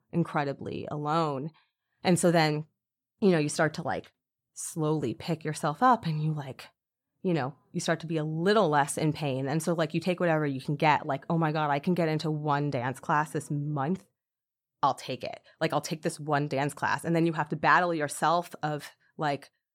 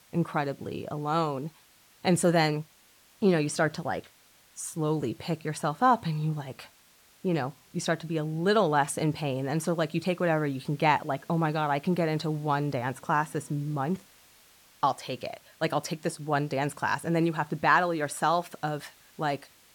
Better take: first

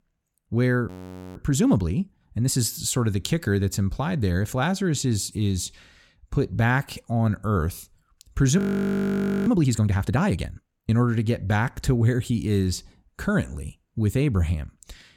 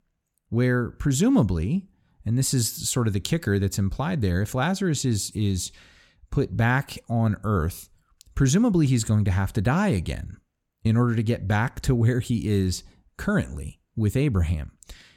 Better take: second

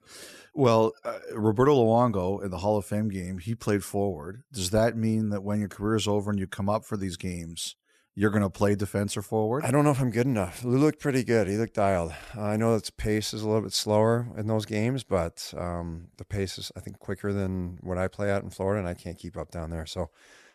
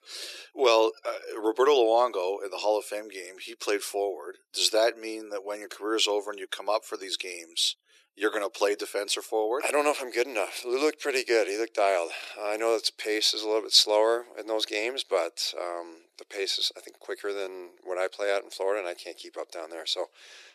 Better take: first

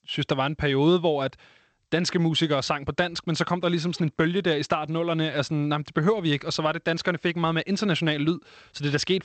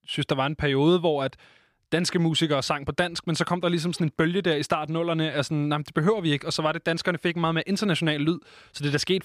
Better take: second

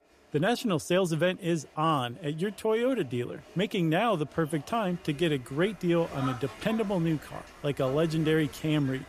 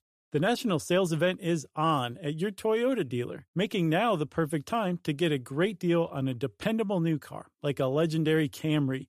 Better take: second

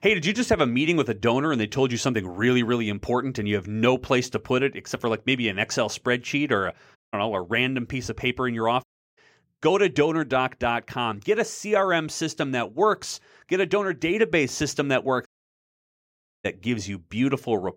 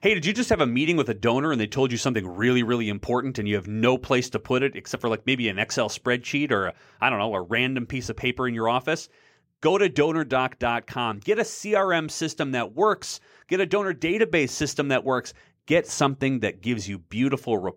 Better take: second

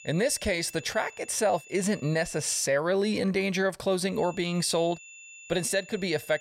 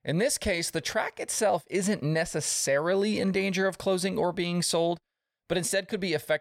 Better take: second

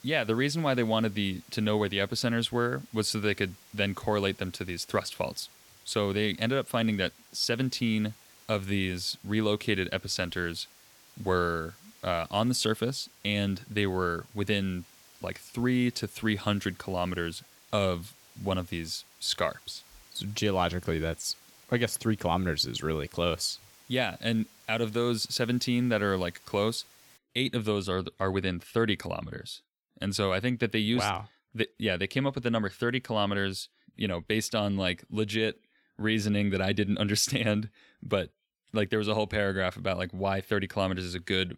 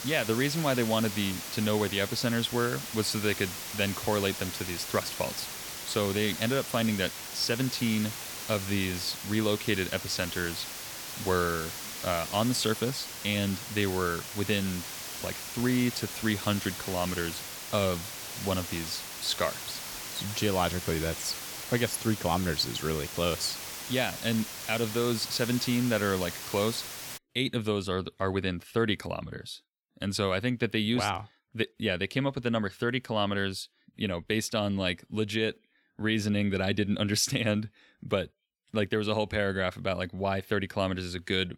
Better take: first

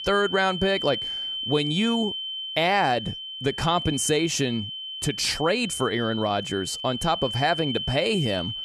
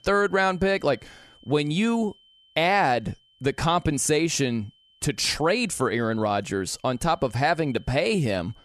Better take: second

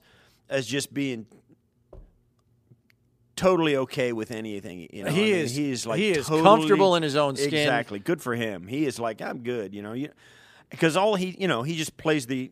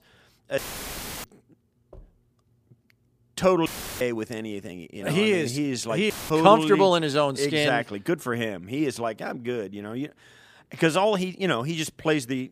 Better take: first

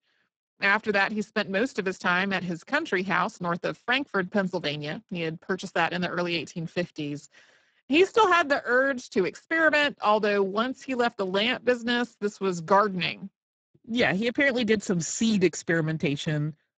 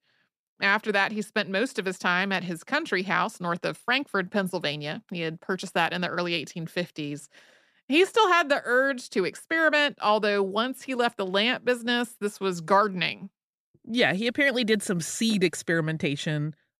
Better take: second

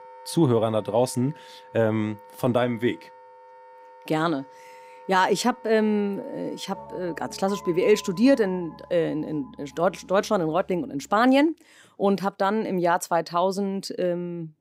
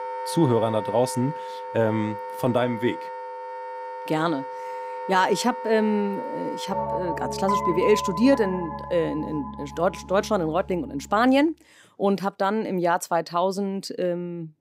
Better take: first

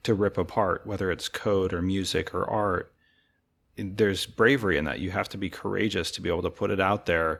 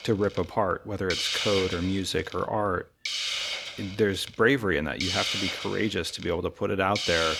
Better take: first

